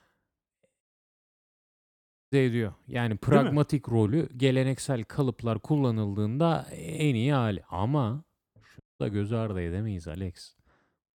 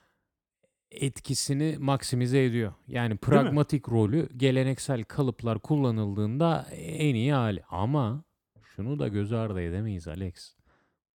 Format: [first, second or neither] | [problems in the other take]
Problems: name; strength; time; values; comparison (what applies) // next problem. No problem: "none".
second | audio cutting out; at 1 s for 1.5 s and at 9 s